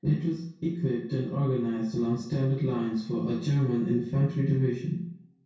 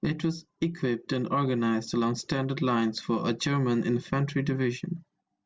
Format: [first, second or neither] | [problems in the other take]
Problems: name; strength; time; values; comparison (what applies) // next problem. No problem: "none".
second | room echo; dies away in 0.5 s